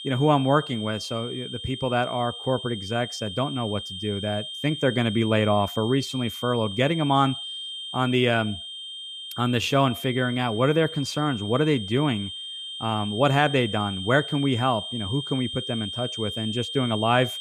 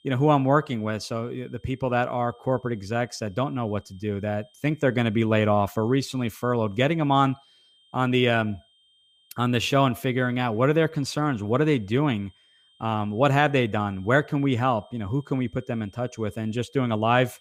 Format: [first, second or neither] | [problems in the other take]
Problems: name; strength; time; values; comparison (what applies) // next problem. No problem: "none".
second | high-pitched whine; loud; throughout; 3 kHz, 8 dB below the speech; faint in the second